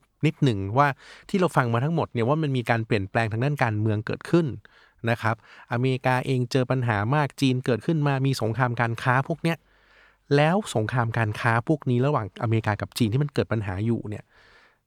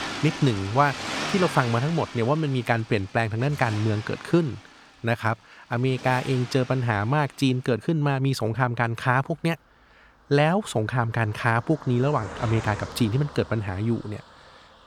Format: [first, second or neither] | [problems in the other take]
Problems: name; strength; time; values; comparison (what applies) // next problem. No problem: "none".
first | traffic noise; noticeable; throughout; 10 dB below the speech